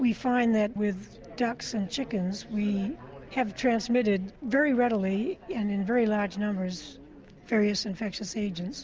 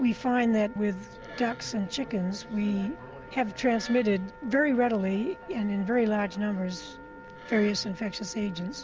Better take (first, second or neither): first